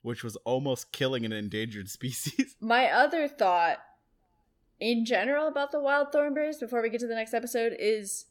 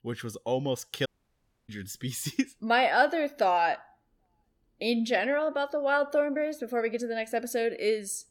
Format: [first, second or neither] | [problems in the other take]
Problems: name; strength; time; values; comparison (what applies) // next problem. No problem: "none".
first | audio cutting out; at 1 s for 0.5 s